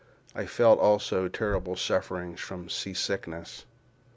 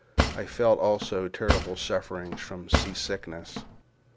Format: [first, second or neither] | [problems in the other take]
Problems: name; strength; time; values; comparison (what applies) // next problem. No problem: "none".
first | background sound (Cutlery, silverware / Drawer open or close); 1 dB below the speech